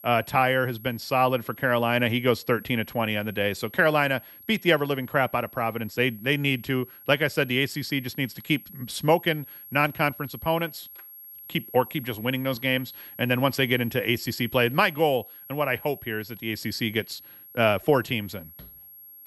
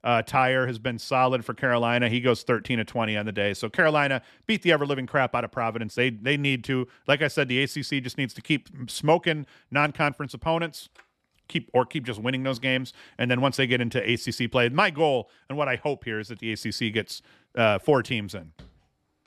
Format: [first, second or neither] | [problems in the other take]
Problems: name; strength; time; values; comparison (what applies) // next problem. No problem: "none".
second | high-pitched whine; noticeable; throughout; 11.5 kHz, 15 dB below the speech